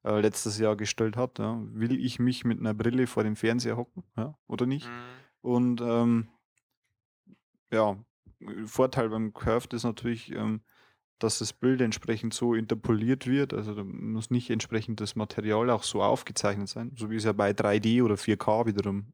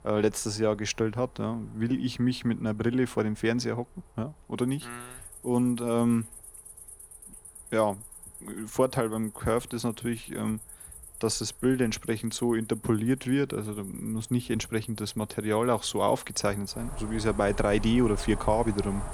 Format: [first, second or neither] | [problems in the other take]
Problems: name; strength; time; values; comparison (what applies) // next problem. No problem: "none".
first | animal sounds; noticeable; throughout; 15 dB below the speech